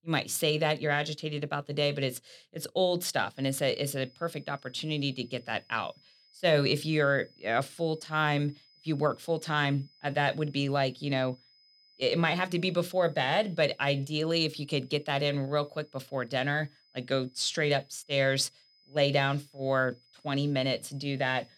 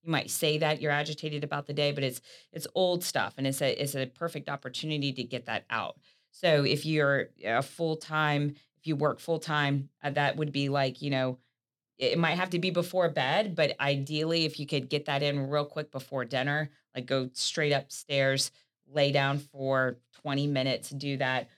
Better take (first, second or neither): second